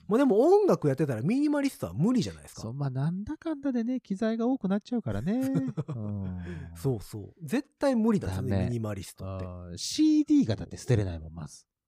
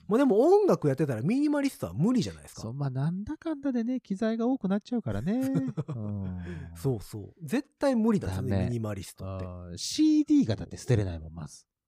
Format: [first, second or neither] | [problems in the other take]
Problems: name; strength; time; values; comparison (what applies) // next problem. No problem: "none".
neither | none